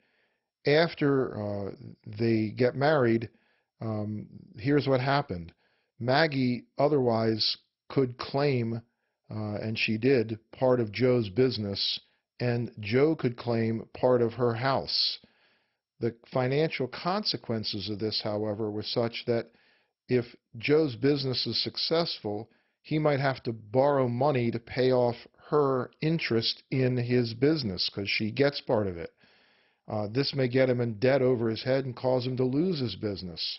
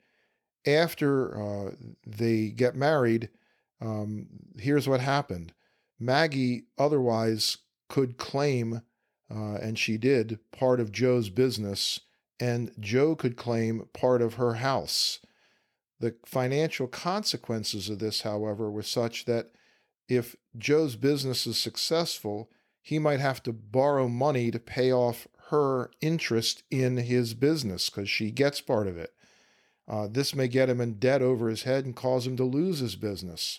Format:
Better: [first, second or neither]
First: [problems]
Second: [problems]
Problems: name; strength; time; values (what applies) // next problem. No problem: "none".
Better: second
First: garbled, watery; badly; nothing above 5.5 kHz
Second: none